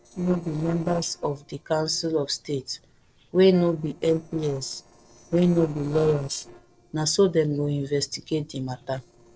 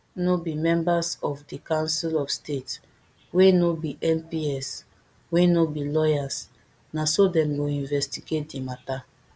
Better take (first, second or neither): second